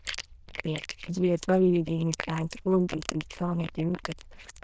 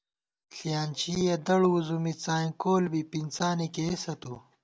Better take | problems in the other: second | noise reduction (neural diffusion model UNIVERSE++)

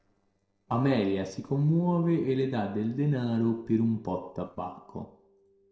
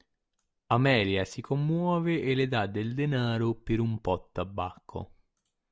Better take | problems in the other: second | noise reduction (neural separator model SepFormer DNS4)

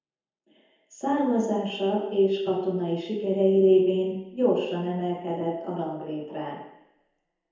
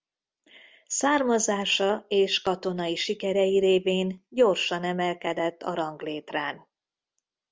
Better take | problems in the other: second | room echo; dies away in 1 s

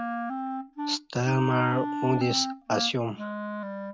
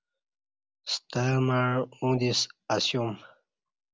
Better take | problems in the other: second | background sound (Wind instrument, woodwind instrument); 4 dB below the speech

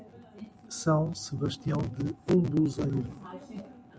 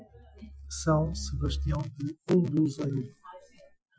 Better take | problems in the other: first | noise reduction (classical method Wiener filter)

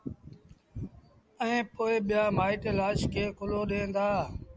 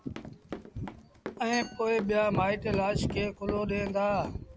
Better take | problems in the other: first | background sound (Run + Glass); 13 dB below the speech

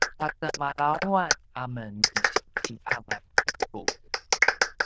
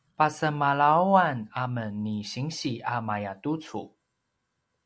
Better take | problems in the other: second | noise reduction (neural diffusion model UNIVERSE++)

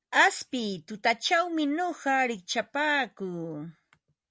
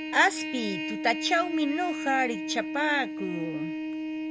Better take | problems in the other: first | background sound (Trumpet); 5 dB below the speech

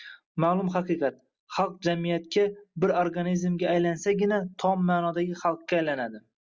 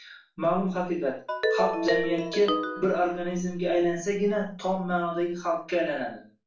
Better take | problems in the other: first | background sound (Ringtone); 1 dB below the speech // room echo; dies away in 0.3 s

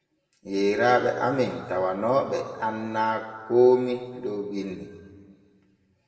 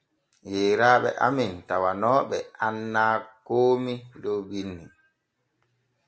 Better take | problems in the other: second | room echo; dies away in 1.9 s

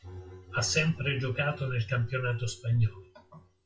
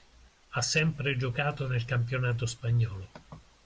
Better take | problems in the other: second | noise reduction (classical method WPE with log-MMSE)

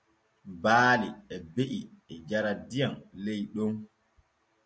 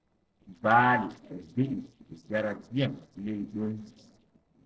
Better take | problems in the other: first | noise reduction (neural separator model SepFormer DNS4)

